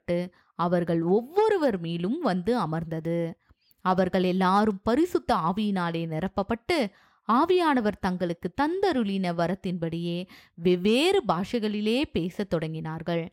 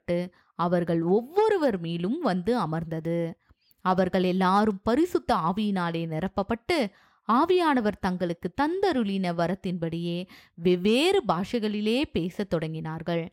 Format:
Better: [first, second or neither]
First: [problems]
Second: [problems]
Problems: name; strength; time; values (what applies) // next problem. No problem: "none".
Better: neither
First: none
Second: none